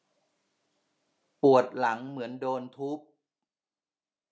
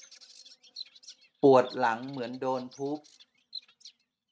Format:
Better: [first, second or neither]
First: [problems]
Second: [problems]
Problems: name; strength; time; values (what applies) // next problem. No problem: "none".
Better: first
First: none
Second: noise reduction (neural mask model RNNoise)